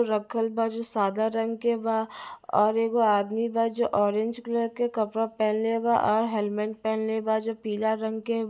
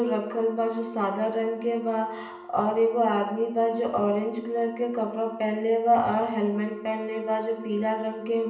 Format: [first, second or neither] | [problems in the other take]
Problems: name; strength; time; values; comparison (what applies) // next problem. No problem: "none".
first | background sound (Wind instrument, woodwind instrument); 19 dB below the speech // room echo; dies away in 0.8 s